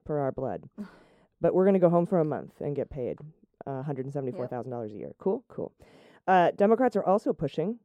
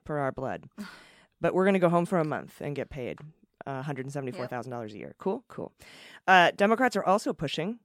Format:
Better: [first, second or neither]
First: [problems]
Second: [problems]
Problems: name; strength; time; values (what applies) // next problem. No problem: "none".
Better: second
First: muffled; slightly; fading above 1 kHz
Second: none